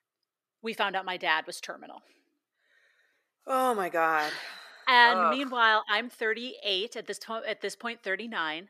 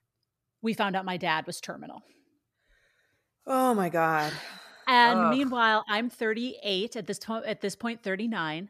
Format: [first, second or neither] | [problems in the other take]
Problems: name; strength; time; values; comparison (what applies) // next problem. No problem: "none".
second | thin; somewhat; fading below 400 Hz